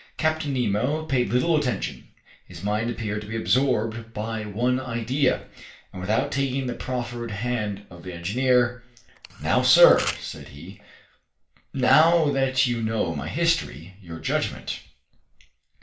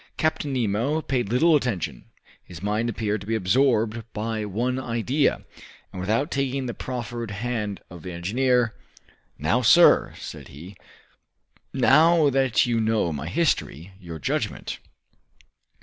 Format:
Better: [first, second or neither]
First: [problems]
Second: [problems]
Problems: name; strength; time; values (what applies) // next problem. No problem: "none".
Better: second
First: background sound (Camera); 10 dB below the speech // room echo; dies away in 0.3 s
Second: none